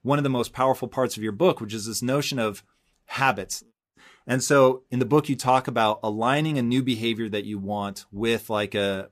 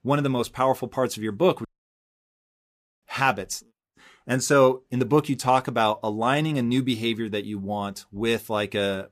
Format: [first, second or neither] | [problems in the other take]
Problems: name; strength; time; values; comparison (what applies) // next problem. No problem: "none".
first | audio cutting out; at 1.5 s for 1.5 s